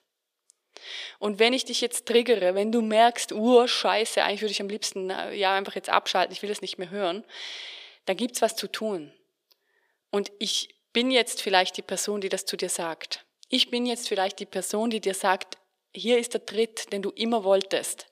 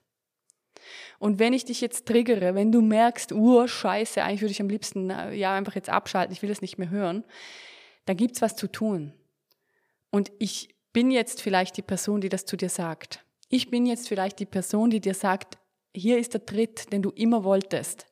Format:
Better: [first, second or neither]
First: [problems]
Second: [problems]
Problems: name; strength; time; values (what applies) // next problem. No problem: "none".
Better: second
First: thin; somewhat; fading below 400 Hz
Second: none